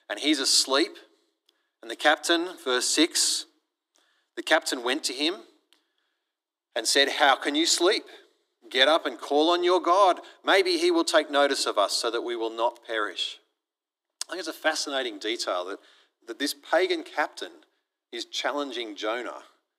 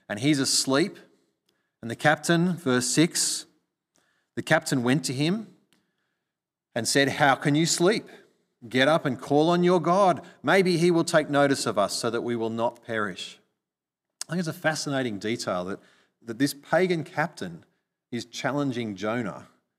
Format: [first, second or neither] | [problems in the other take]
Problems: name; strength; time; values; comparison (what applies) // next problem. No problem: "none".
second | thin; somewhat; fading below 300 Hz